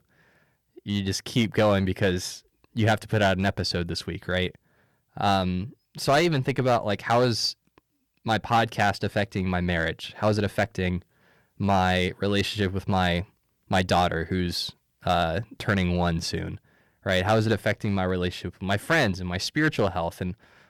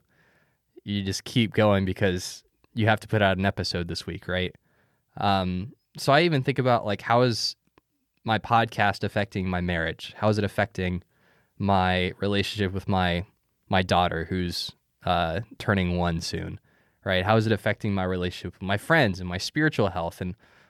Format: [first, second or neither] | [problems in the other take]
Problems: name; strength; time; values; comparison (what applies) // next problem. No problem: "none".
second | distortion; slight; 4% of the sound clipped